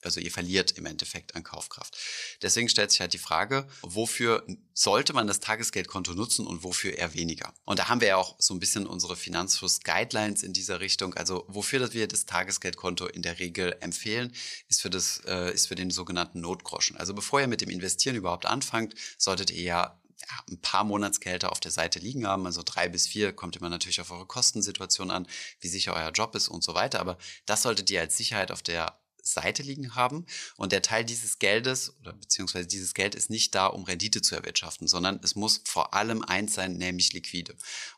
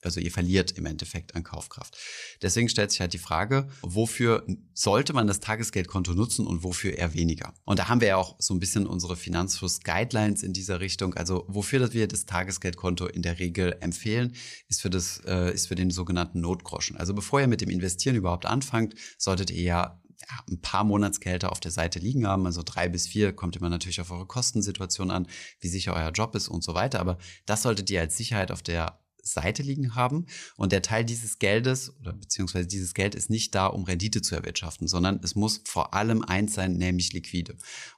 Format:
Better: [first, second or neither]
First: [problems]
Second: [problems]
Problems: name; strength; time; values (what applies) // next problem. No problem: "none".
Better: second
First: thin; somewhat; fading below 550 Hz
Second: none